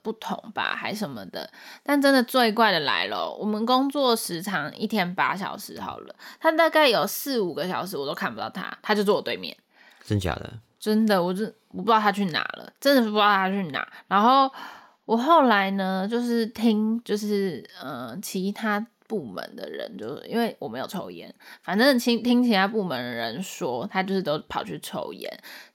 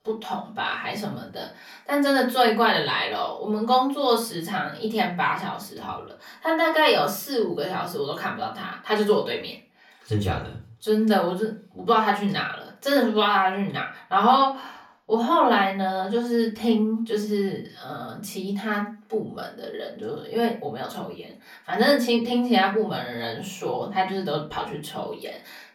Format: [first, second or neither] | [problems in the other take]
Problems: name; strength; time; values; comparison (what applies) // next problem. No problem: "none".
first | off-mic speech; far // room echo; very slight; dies away in 0.3 s